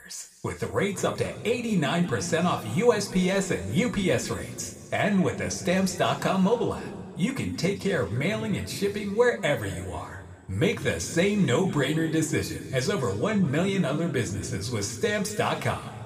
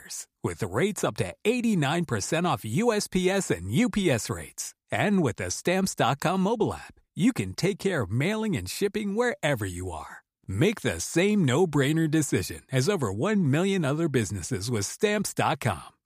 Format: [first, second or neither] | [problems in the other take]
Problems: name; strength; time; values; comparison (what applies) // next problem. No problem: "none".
second | room echo; slight; dies away in 1.7 s